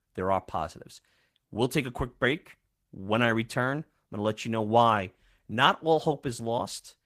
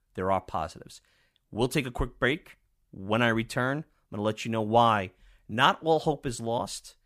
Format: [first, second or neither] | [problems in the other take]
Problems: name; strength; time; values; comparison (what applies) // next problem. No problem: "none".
second | garbled, watery; slightly; nothing above 15 kHz